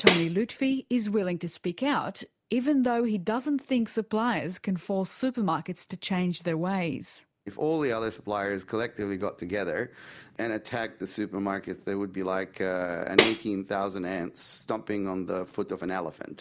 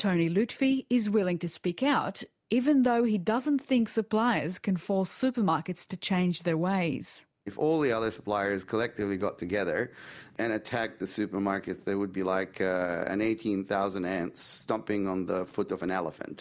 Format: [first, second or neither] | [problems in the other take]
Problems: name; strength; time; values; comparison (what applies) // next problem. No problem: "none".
second | background sound (Tambourine); 1 dB above the speech